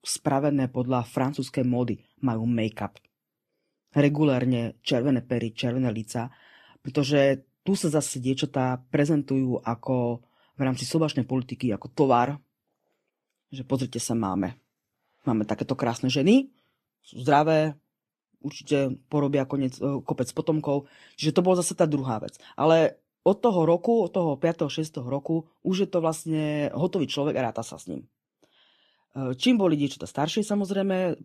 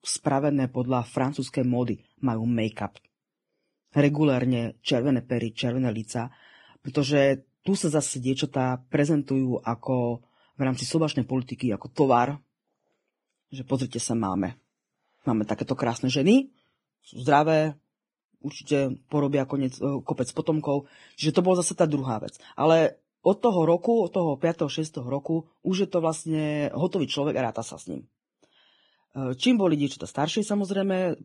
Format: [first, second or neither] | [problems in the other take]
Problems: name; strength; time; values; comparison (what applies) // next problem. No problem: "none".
first | garbled, watery; badly; slightly in the first